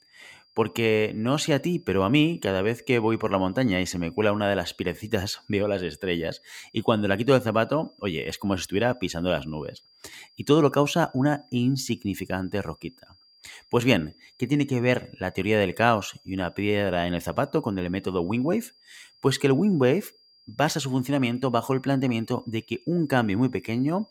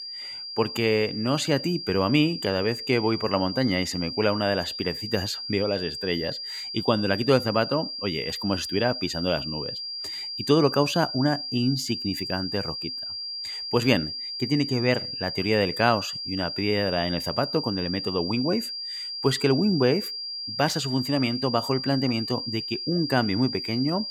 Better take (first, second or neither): first